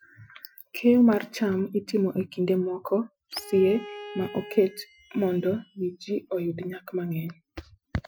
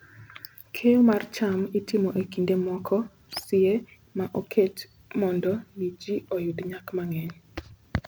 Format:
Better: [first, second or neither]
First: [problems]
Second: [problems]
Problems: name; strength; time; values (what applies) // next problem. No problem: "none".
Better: second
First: noise reduction (classical method Wiener filter)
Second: none